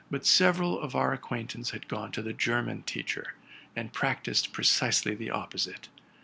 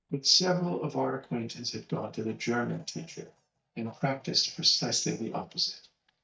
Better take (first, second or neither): first